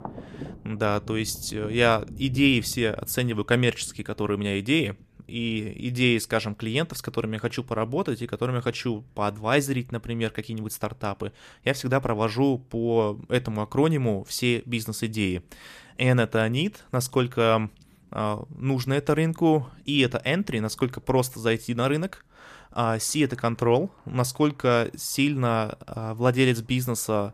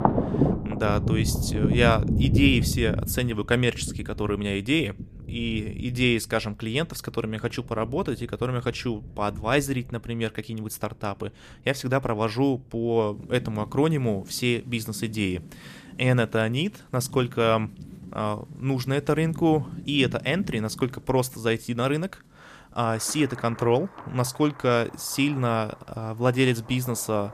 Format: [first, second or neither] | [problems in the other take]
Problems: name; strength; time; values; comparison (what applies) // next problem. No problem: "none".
first | rain or running water; loud; throughout; 5 dB below the speech; faint in the first